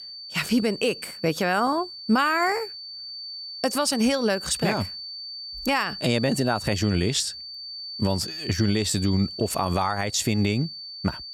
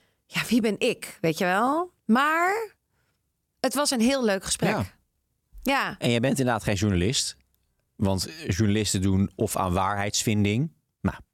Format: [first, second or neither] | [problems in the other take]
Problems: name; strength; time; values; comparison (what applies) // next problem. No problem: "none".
second | high-pitched whine; loud; throughout; 4.5 kHz, 10 dB below the speech